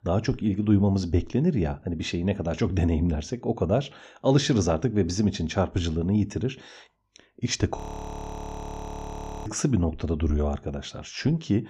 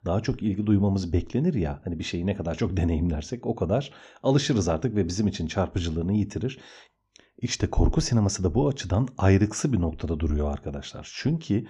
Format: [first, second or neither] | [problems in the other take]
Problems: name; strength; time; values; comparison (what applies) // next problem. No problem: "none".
second | audio freezing; at 8 s for 1.5 s